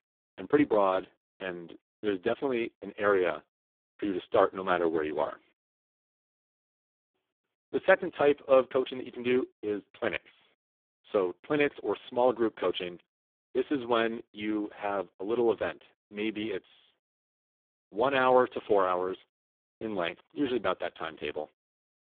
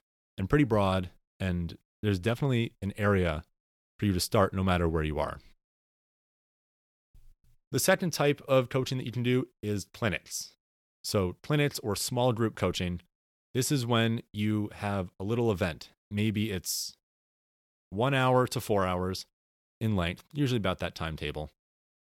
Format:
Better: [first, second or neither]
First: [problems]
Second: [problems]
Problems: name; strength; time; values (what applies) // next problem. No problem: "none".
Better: second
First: phone-call audio; poor line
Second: none